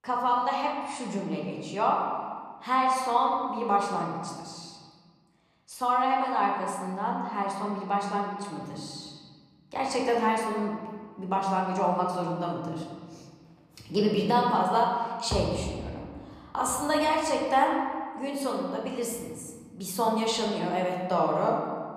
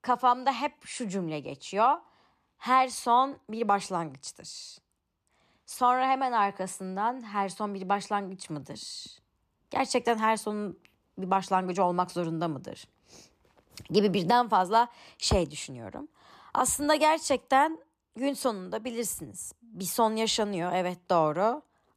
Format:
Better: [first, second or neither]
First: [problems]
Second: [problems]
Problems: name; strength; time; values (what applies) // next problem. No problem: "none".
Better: second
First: room echo; noticeable; dies away in 1.6 s // off-mic speech; somewhat distant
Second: none